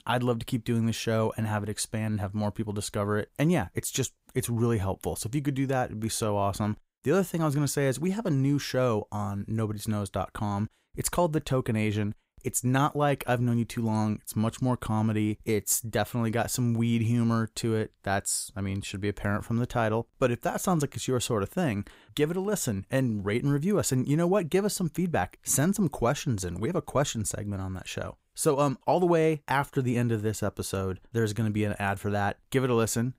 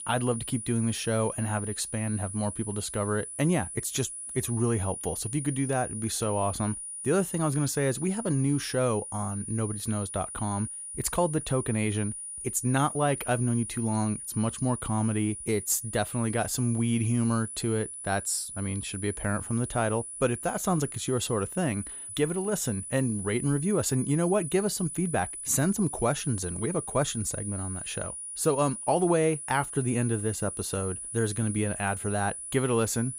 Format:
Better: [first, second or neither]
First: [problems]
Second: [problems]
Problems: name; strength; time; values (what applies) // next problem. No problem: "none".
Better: first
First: none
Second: high-pitched whine; loud; throughout; 9.5 kHz, 7 dB below the speech